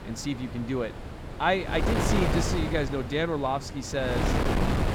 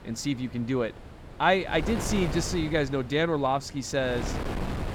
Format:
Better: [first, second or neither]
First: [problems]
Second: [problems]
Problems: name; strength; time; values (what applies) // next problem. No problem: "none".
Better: second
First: wind noise on the microphone; heavy; 2 dB below the speech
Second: wind noise on the microphone; occasional gusts; 10 dB below the speech